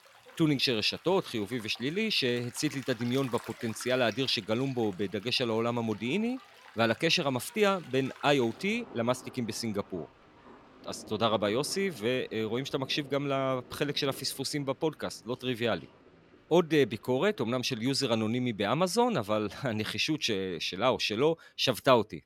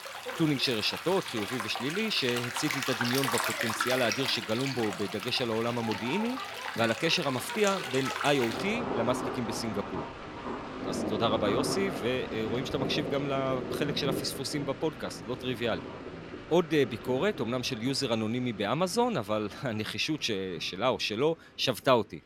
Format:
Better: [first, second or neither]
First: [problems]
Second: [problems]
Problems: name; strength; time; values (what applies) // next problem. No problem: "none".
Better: first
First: rain or running water; faint; throughout; 20 dB below the speech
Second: rain or running water; loud; throughout; 5 dB below the speech